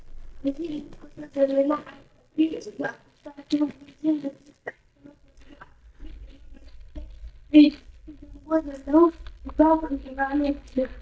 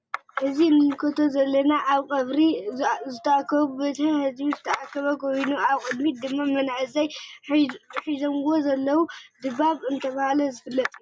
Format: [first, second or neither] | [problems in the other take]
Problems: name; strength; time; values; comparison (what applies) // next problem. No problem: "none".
second | noise reduction (neural mask model DeepFilterNet 3)